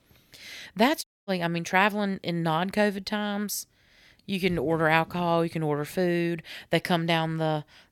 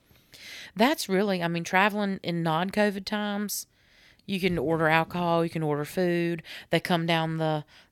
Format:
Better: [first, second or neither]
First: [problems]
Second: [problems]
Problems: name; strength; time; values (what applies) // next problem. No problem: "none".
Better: second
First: audio cutting out; at 1 s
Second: none